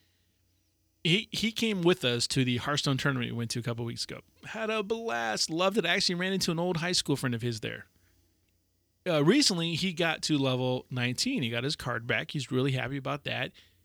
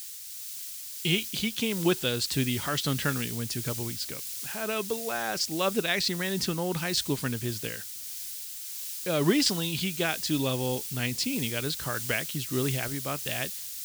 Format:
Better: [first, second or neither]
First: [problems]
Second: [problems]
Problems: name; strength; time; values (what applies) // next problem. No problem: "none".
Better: first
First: none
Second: hiss; loud; throughout; 5 dB below the speech